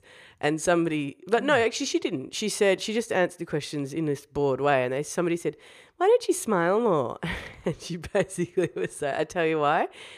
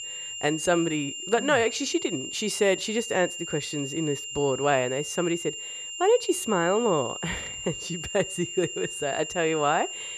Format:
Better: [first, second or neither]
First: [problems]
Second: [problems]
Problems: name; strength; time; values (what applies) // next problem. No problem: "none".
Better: first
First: none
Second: high-pitched whine; loud; throughout; 3 kHz, 7 dB below the speech